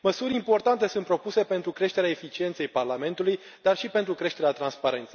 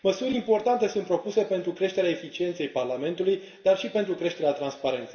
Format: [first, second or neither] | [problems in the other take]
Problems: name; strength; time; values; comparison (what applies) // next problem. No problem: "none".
first | room echo; dies away in 0.7 s